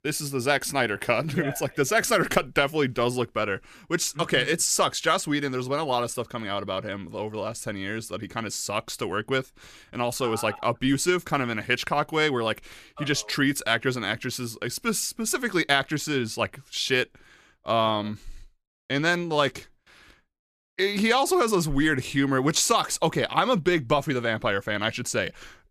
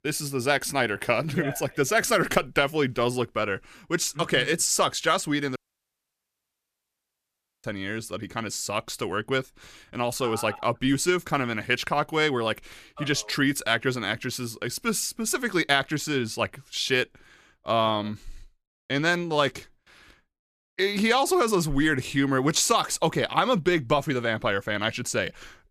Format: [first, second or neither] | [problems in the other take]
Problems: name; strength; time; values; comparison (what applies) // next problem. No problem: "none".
first | audio cutting out; at 5.5 s for 2 s